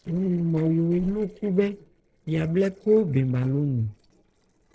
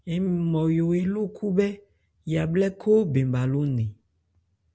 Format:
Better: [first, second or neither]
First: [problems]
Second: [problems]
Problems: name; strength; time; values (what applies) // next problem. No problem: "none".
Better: second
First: noise reduction (neural separator model SepFormer DNS4)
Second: none